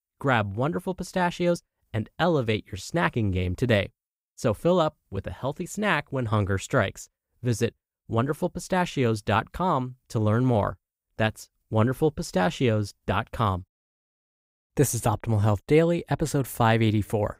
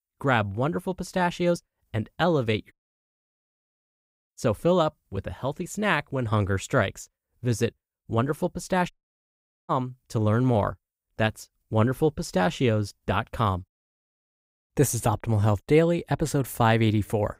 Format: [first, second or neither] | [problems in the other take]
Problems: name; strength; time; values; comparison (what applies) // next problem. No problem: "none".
first | audio cutting out; at 2.5 s for 1.5 s and at 9 s for 1 s